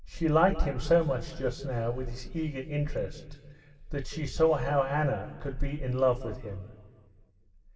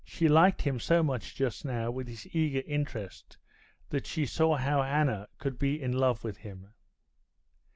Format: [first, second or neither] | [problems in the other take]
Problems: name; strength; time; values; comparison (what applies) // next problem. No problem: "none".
second | room echo; dies away in 1.8 s